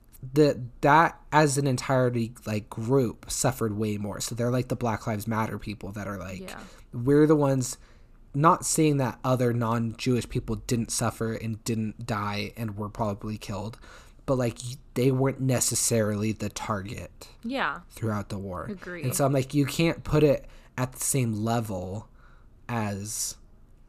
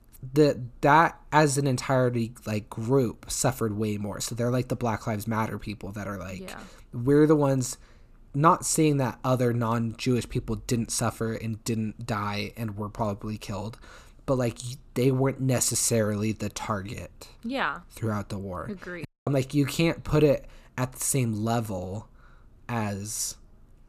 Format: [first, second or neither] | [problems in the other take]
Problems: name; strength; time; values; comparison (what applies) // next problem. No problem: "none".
first | audio cutting out; at 19 s